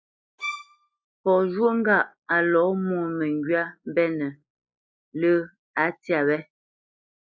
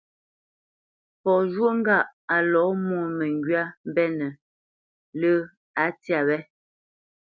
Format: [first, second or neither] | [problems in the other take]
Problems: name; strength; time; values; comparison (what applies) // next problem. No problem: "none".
second | noise reduction (classical method log-MMSE)